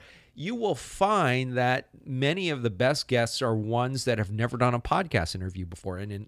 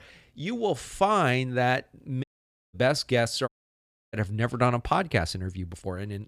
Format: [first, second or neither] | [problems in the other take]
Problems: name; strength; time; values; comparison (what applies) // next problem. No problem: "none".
first | audio cutting out; at 2 s and at 3.5 s for 0.5 s